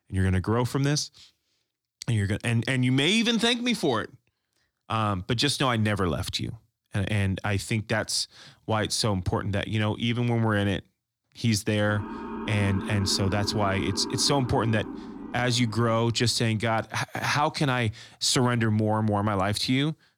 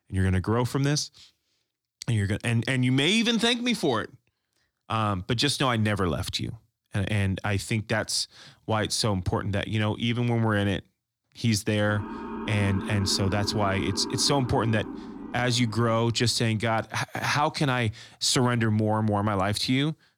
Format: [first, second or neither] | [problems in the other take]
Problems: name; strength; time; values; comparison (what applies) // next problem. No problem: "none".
neither | siren; noticeable; from 12 to 16 s; peak 8 dB below the speech; the same in both